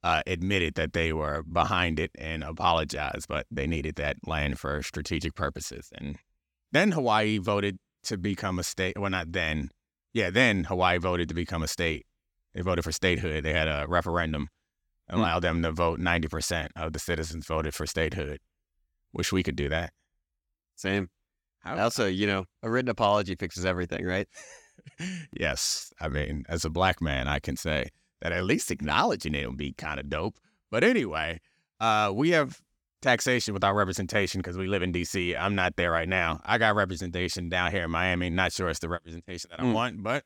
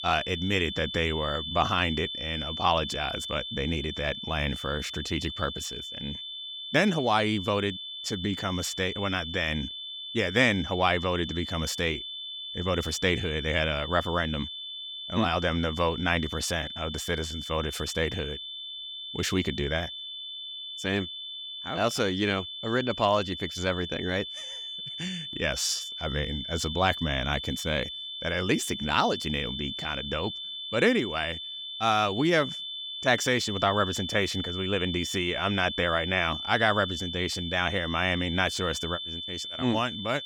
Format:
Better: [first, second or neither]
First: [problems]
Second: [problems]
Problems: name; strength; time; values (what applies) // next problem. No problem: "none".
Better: first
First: none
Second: high-pitched whine; loud; throughout; 3.5 kHz, 6 dB below the speech